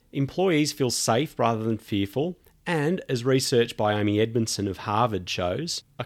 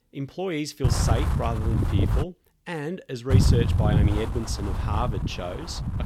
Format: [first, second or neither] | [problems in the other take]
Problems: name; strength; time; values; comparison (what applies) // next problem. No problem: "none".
first | wind noise on the microphone; heavy; from 1 to 2 s and from 3.5 s on; 3 dB below the speech